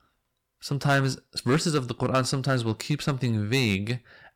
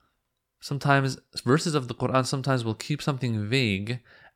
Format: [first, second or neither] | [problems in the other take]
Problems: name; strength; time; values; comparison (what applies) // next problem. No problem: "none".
second | distortion; slight; 3% of the sound clipped